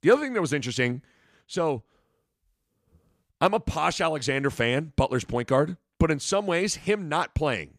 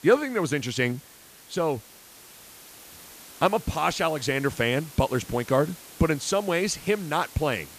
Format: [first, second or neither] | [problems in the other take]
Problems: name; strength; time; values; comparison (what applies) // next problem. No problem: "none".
first | hiss; noticeable; throughout; 20 dB below the speech